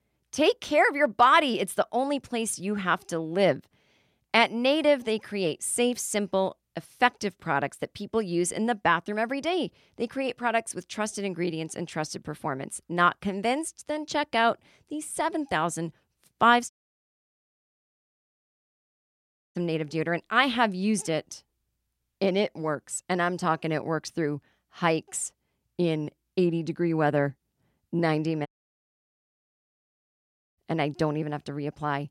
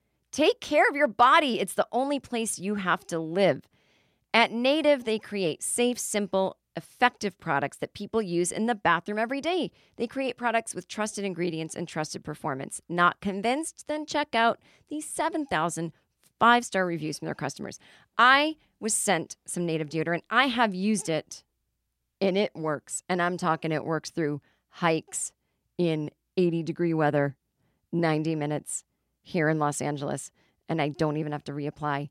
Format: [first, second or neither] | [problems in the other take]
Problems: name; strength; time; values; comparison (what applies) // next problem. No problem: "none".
second | audio cutting out; at 17 s for 3 s and at 28 s for 2 s